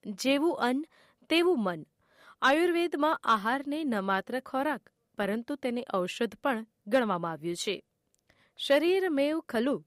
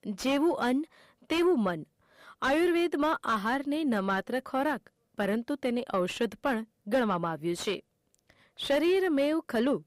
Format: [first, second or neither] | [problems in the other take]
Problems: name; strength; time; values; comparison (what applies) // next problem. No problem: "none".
first | distortion; slight; 10 dB below the speech